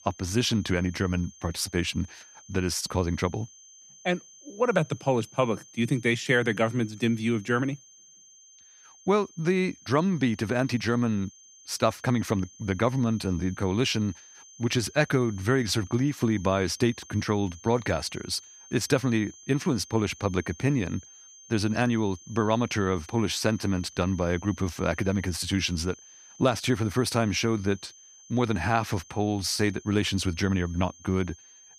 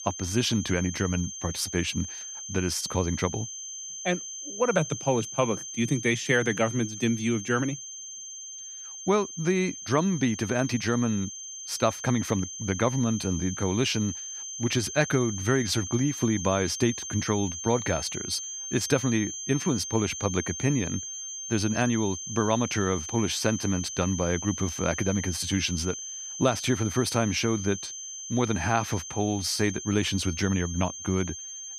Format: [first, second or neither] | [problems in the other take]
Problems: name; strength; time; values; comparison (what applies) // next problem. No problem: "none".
first | high-pitched whine; loud; throughout; 6.5 kHz, 7 dB below the speech; faint in the first